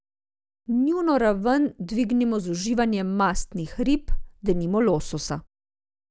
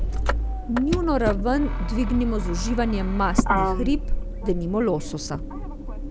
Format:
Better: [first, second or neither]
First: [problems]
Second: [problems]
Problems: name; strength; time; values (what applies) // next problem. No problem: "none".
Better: first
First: none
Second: background sound (Motor vehicle (road)); as loud as the speech